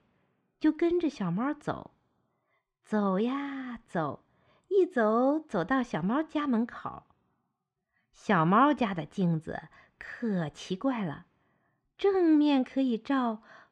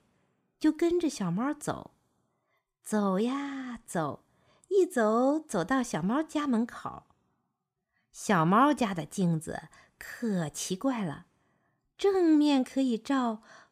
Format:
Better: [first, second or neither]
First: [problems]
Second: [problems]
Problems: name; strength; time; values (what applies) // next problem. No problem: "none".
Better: second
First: muffled; slightly; fading above 3 kHz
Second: none